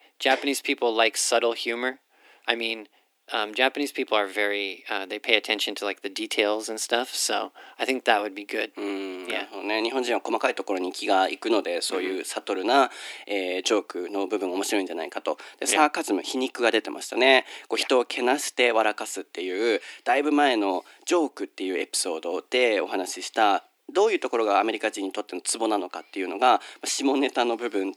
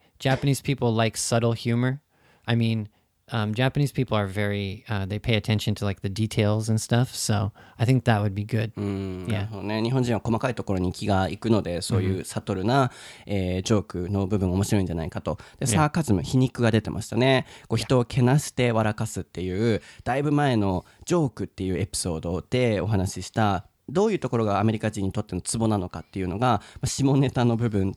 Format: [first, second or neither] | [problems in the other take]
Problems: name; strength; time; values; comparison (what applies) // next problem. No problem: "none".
second | thin; somewhat; fading below 300 Hz